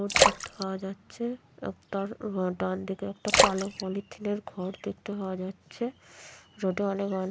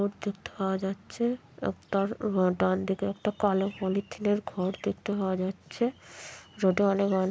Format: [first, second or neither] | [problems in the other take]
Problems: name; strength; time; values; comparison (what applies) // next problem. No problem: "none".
second | background sound (Splash, splatter); 3 dB above the speech